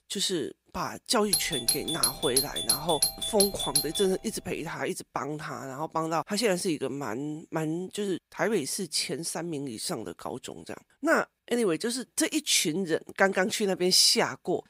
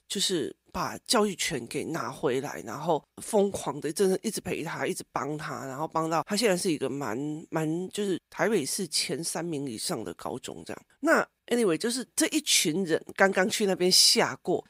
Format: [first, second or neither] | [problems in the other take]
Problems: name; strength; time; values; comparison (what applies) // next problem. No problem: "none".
second | doorbell; loud; from 1.5 to 4 s; peak 4 dB above the speech